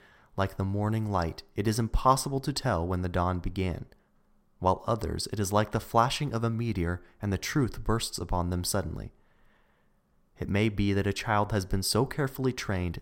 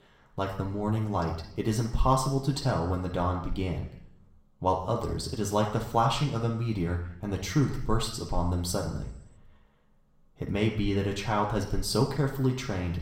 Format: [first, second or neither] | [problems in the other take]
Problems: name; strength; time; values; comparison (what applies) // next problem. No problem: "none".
first | room echo; noticeable; dies away in 0.7 s // off-mic speech; somewhat distant